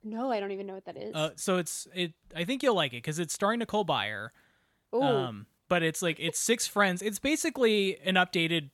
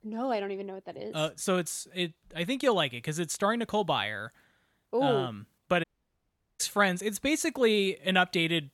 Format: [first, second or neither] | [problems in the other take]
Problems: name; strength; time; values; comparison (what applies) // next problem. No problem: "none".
first | audio cutting out; at 6 s for 1 s